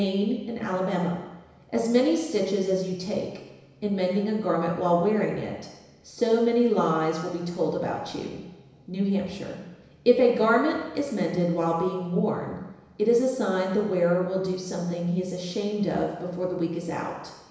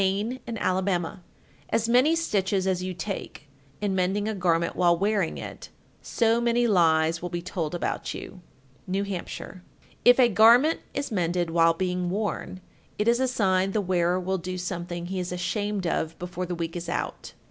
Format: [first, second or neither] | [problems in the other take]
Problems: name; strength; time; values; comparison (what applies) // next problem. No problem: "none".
second | room echo; dies away in 1 s